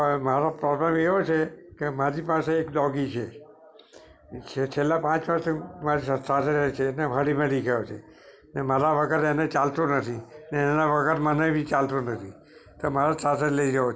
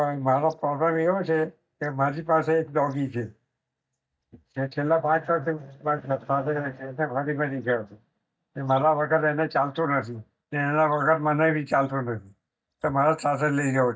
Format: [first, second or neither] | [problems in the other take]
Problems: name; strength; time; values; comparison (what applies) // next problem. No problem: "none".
first | noise reduction (neural mask model DeepFilterNet 3)